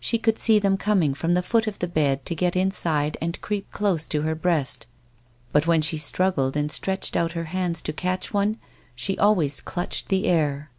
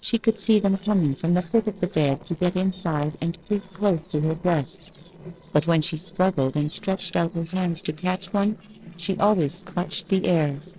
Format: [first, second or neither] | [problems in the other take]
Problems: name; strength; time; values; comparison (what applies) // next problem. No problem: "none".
first | noise reduction (neural separator model SepFormer DNS4)